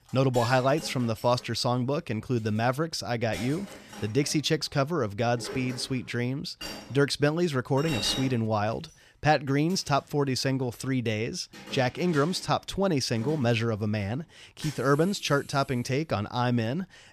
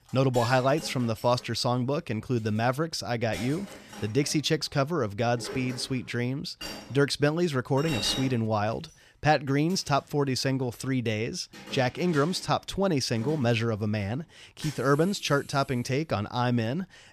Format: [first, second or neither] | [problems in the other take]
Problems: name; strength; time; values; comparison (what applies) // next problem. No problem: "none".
neither | household noises; noticeable; throughout; 15 dB below the speech; the same in both